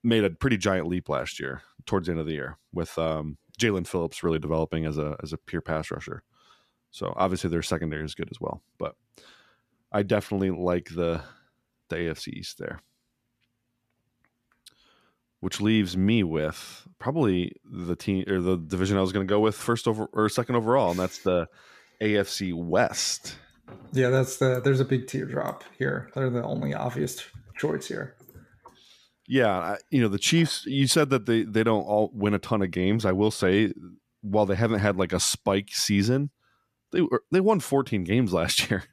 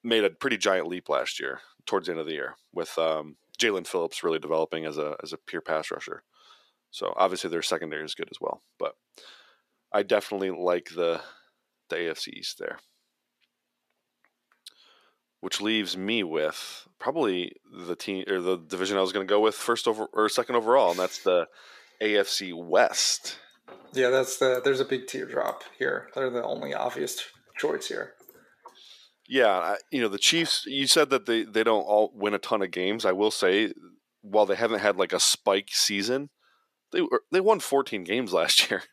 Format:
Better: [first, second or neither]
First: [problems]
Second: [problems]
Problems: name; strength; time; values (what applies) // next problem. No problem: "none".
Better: first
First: none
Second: thin; somewhat; fading below 450 Hz